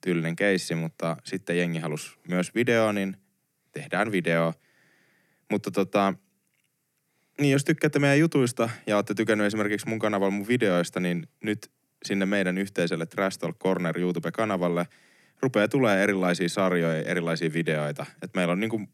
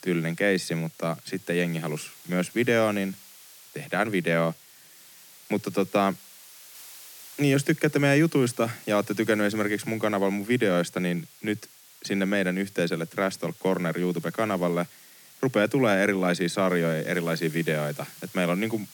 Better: first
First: none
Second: hiss; faint; throughout; 20 dB below the speech

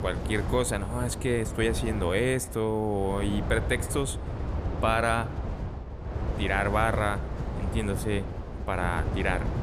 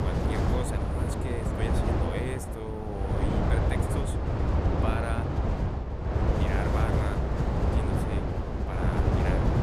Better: first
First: wind noise on the microphone; occasional gusts; 10 dB below the speech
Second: wind noise on the microphone; heavy; 5 dB above the speech

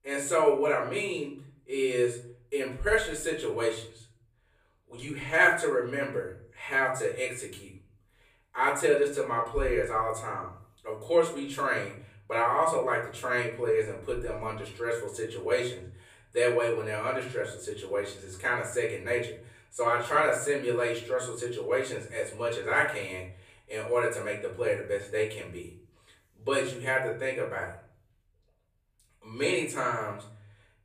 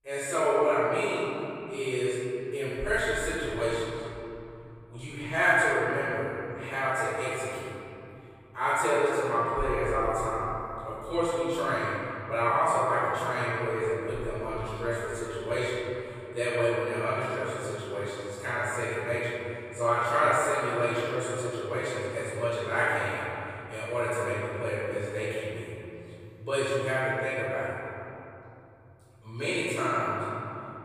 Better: first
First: room echo; slight; dies away in 0.5 s // off-mic speech; far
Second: room echo; strong; dies away in 3 s // off-mic speech; far

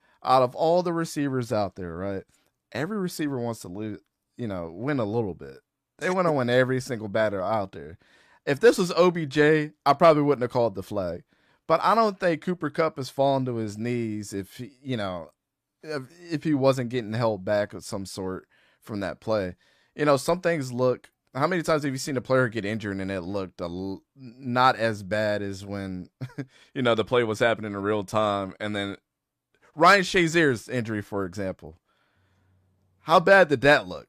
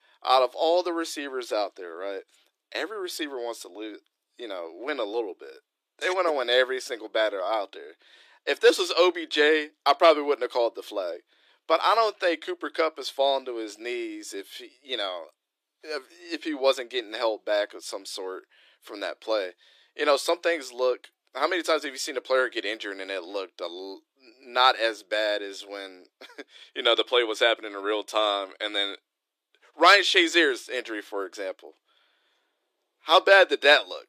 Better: first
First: none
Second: thin; very; fading below 350 Hz

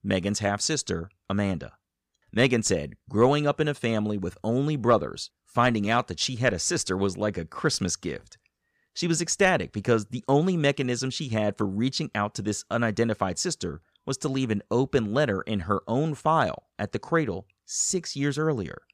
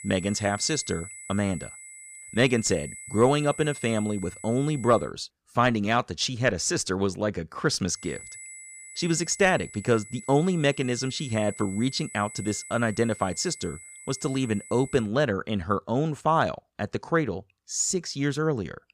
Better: first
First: none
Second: high-pitched whine; noticeable; until 5 s and from 8 to 15 s; 8 kHz, 15 dB below the speech

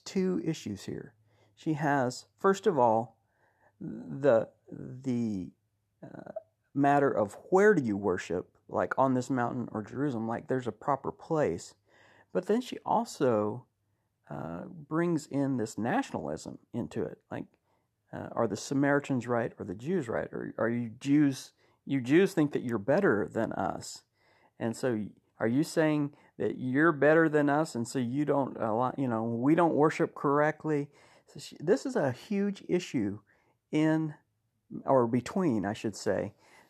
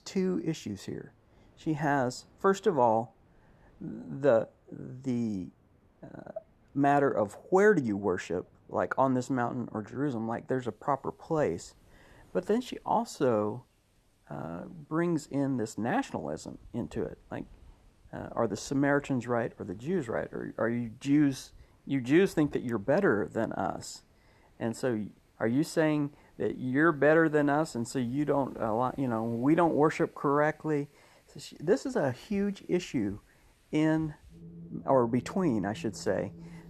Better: first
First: none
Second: wind in the background; faint; throughout; 30 dB below the speech

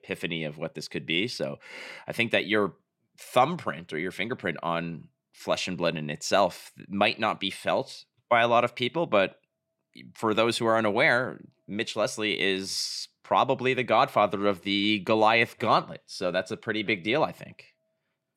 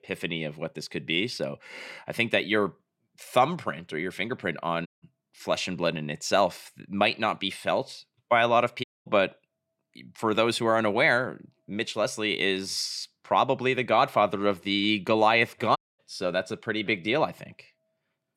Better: first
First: none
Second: audio cutting out; at 5 s, at 9 s and at 16 s

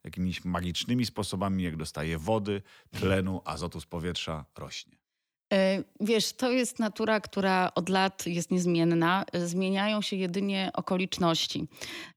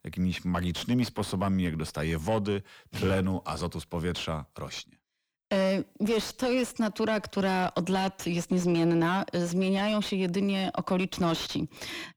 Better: first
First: none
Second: distortion; slight; 10 dB below the speech

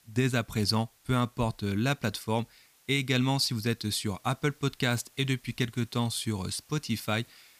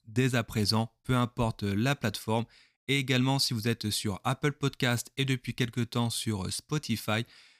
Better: second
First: hiss; faint; throughout; 30 dB below the speech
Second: none

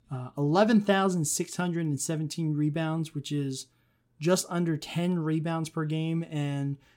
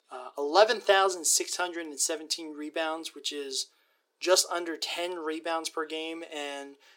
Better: first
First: none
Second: thin; very; fading below 400 Hz

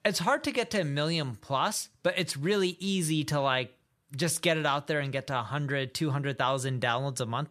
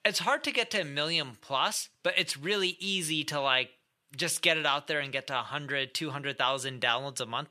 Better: first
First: none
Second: thin; somewhat; fading below 400 Hz

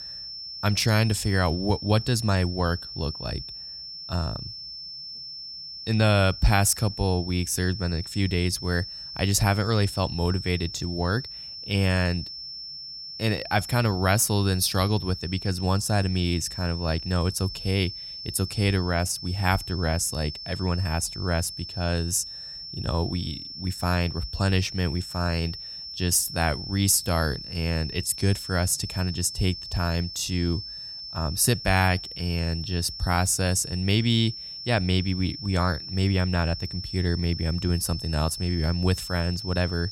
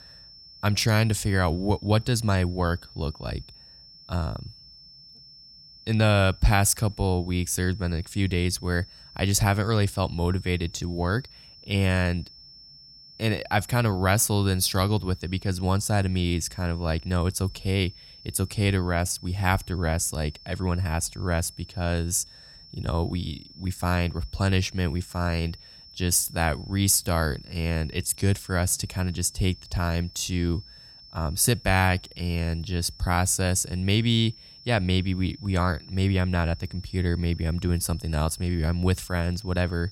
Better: second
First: high-pitched whine; loud; throughout; 5.5 kHz, 9 dB below the speech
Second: high-pitched whine; faint; throughout; 5.5 kHz, 20 dB below the speech

